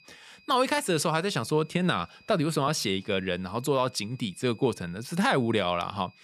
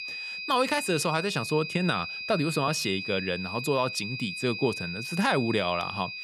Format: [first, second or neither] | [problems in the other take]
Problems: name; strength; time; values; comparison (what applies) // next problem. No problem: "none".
first | high-pitched whine; loud; throughout; 2.5 kHz, 6 dB below the speech; faint in the first